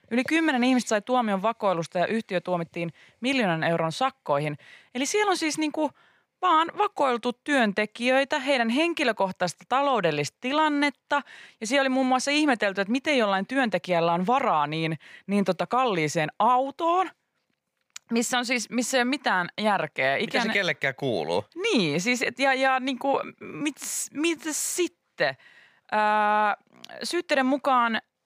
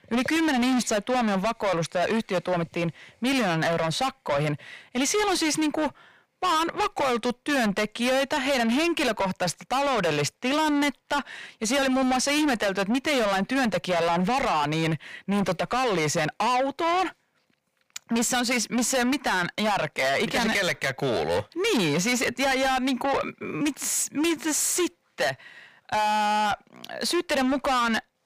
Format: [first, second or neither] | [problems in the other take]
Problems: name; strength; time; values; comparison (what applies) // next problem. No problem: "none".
first | distortion; heavy; 6 dB below the speech